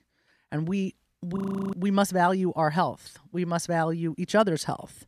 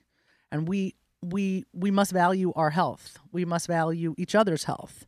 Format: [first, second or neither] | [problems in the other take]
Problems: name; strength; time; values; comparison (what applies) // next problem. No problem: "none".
second | audio freezing; at 1.5 s